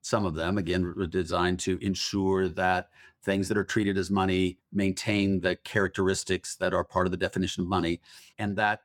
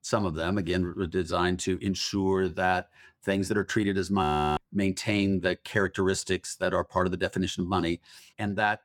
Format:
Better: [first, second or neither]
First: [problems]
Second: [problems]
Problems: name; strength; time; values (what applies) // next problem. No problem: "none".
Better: first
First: none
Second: audio freezing; at 4 s